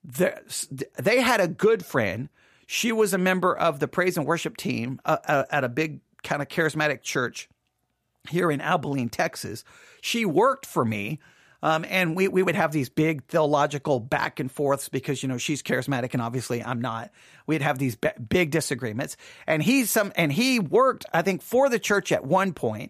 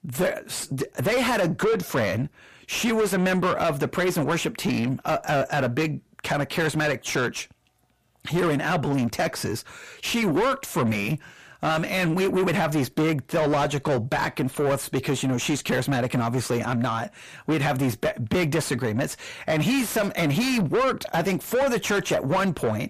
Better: first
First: none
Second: distortion; heavy; 6 dB below the speech

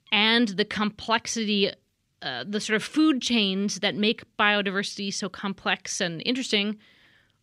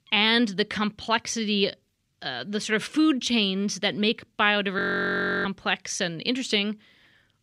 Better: first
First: none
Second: audio freezing; at 5 s for 0.5 s

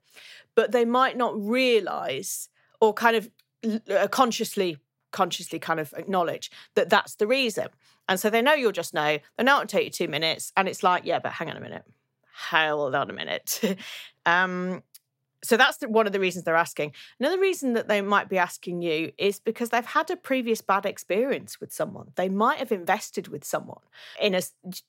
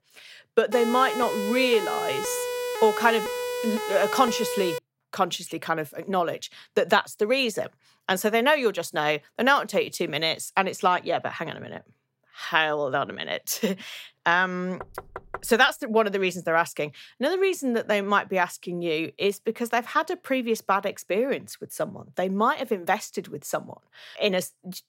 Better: first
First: none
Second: siren; noticeable; from 0.5 to 5 s; peak 4 dB below the speech // door banging; faint; at 15 s; peak 15 dB below the speech

